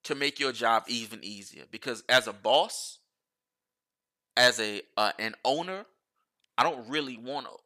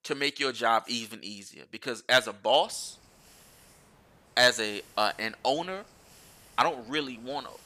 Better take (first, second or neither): first